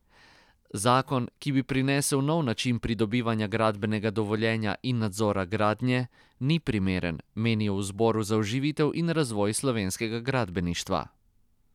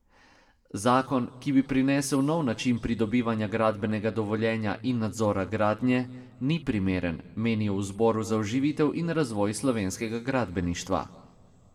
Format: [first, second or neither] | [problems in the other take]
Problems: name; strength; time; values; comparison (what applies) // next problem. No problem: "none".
first | room echo; dies away in 1.2 s